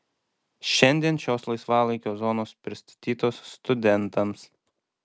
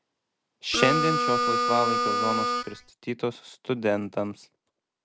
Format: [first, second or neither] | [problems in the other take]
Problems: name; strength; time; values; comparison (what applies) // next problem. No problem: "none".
first | background sound (Harmonica); 4 dB above the speech